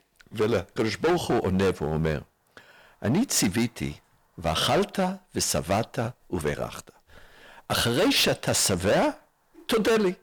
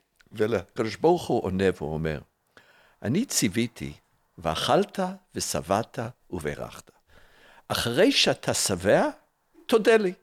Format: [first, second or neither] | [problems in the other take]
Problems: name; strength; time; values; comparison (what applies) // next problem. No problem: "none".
second | distortion; heavy; 11% of the sound clipped